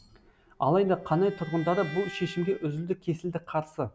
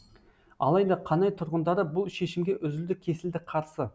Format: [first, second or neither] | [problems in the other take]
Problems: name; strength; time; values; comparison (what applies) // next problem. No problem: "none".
second | background sound (Bowed string instrument); 17 dB below the speech